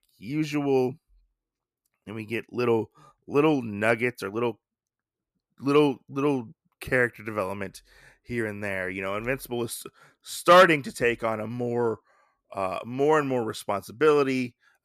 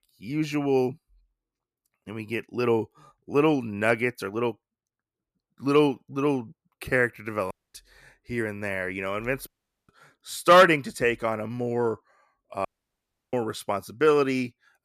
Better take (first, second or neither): first